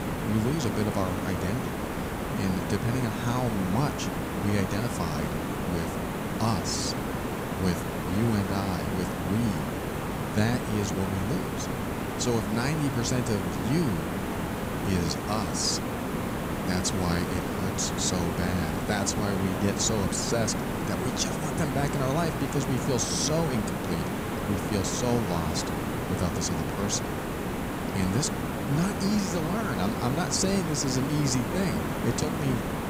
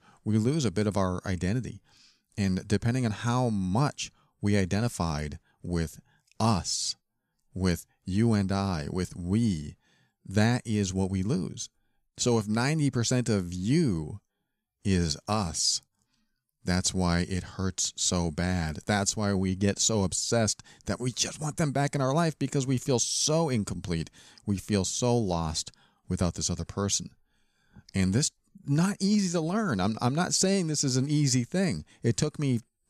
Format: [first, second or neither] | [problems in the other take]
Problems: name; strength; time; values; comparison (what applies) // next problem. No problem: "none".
second | hiss; loud; throughout; 1 dB below the speech